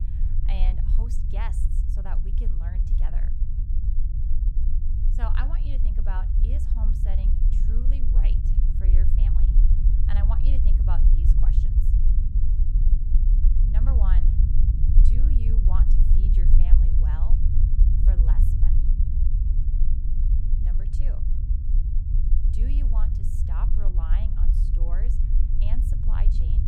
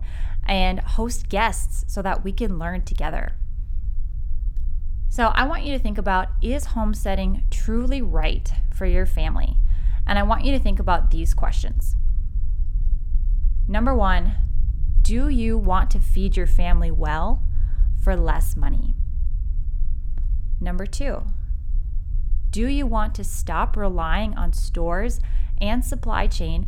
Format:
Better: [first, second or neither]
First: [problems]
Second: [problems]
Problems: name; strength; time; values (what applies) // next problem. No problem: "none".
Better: second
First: low rumble; loud; throughout; as loud as the speech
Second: low rumble; faint; throughout; 25 dB below the speech